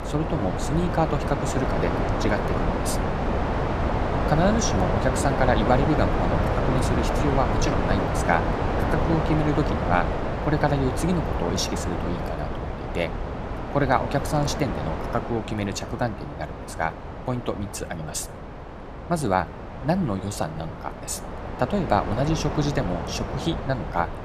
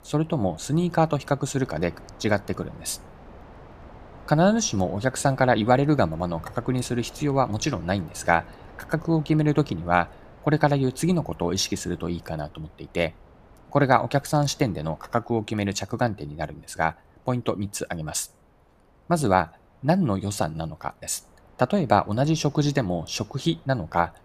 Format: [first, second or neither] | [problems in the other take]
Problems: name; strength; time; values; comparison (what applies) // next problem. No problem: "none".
second | wind noise on the microphone; heavy; 1 dB below the speech; occasional gusts in the second